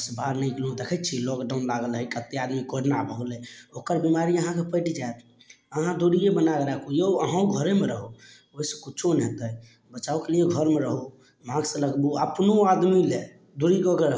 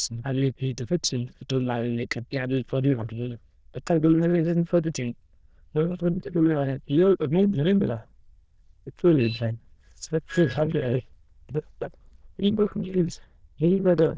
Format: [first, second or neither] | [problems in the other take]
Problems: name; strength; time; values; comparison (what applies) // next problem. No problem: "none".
first | noise reduction (neural diffusion model UNIVERSE++)